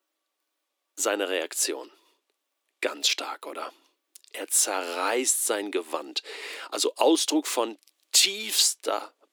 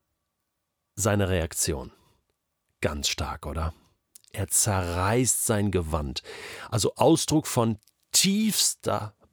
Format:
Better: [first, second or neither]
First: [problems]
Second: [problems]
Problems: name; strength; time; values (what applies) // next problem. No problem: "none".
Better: second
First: thin; somewhat; fading below 300 Hz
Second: none